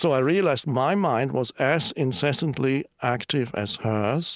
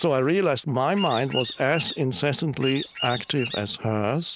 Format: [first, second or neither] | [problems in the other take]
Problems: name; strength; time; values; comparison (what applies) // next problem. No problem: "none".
first | background sound (Bird vocalization, bird call, bird song); 9 dB below the speech